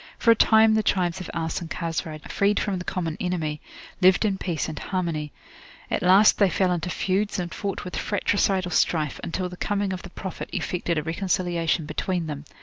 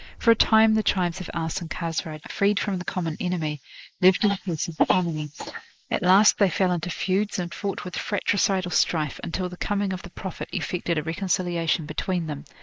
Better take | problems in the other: first | noise reduction (neural mask model Resemble Enhance denoiser)

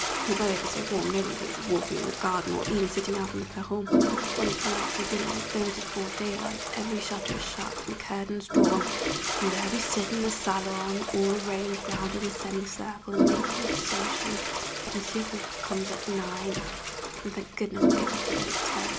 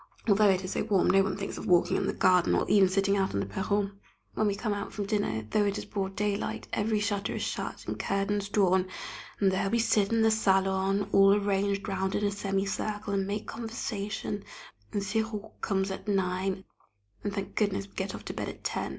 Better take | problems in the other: second | background sound (Toilet flush); 1 dB above the speech

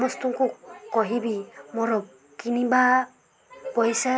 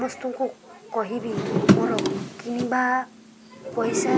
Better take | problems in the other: first | background sound (Drawer open or close); 2 dB above the speech

